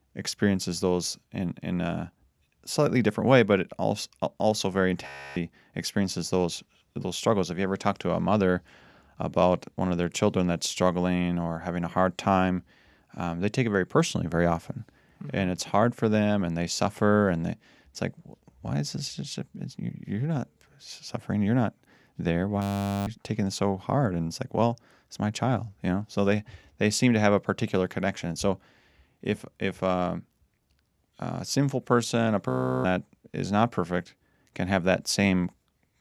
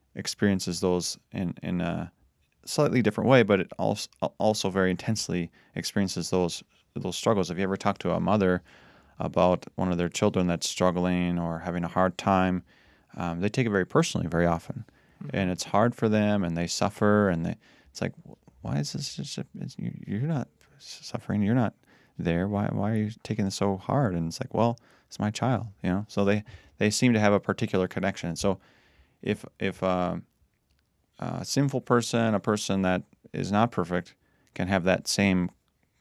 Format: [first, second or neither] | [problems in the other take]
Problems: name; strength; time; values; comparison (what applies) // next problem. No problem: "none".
second | audio freezing; at 5 s, at 23 s and at 32 s